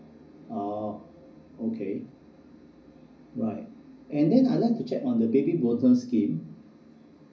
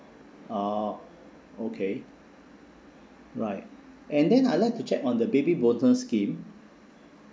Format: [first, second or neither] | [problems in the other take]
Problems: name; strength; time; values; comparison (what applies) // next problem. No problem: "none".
second | room echo; dies away in 0.4 s